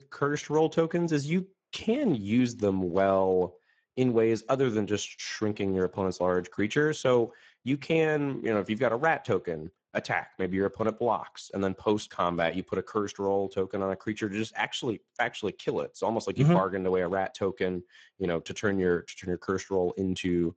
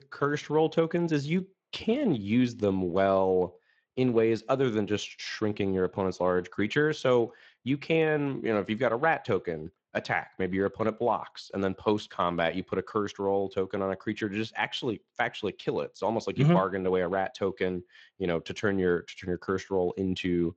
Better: second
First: garbled, watery; badly; nothing above 7.5 kHz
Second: garbled, watery; slightly

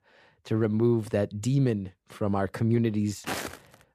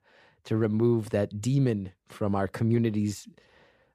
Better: second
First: footsteps; noticeable; at 3 s; peak 7 dB below the speech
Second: none

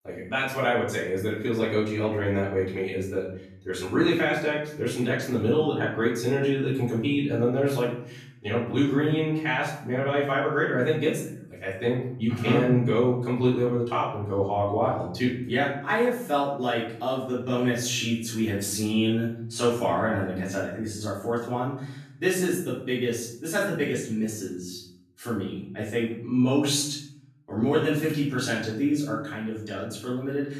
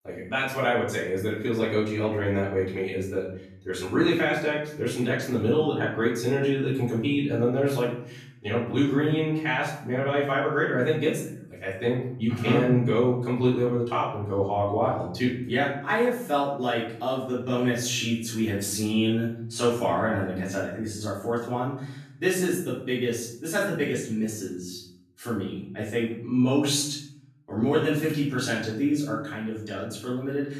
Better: neither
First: off-mic speech; far // room echo; noticeable; dies away in 0.7 s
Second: off-mic speech; far // room echo; noticeable; dies away in 0.7 s

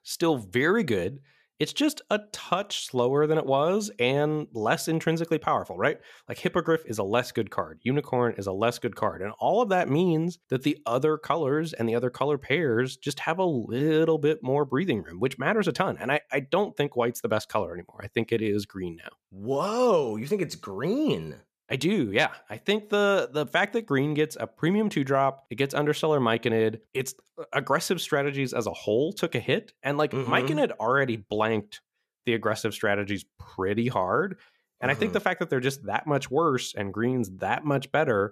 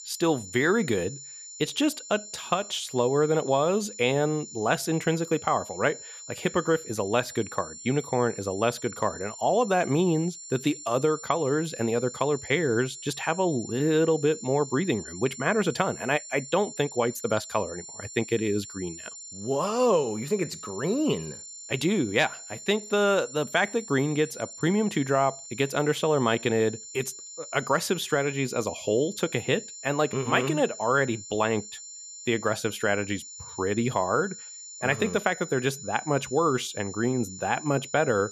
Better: first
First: none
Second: high-pitched whine; noticeable; throughout; 7 kHz, 15 dB below the speech

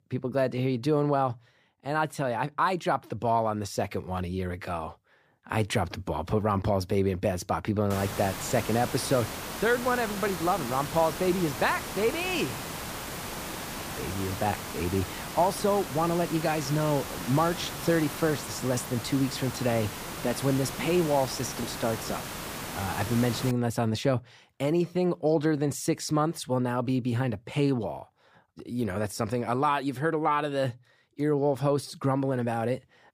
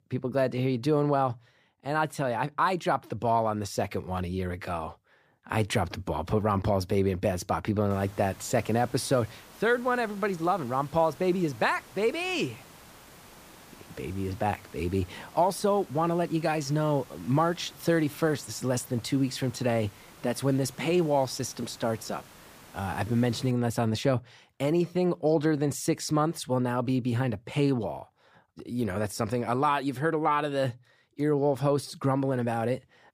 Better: second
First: hiss; loud; from 8 to 24 s; 7 dB below the speech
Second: hiss; faint; from 8 to 24 s; 20 dB below the speech

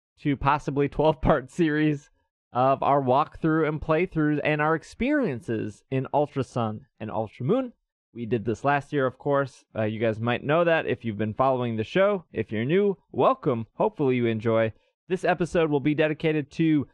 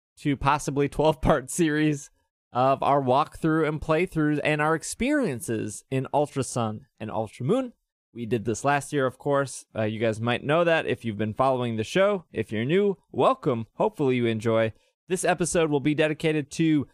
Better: second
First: muffled; slightly; fading above 3 kHz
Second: none

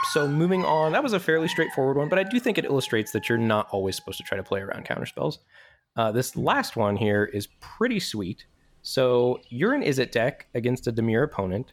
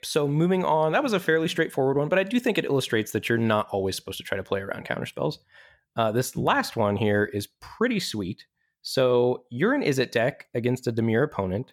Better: second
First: animal sounds; noticeable; throughout; 10 dB below the speech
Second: none

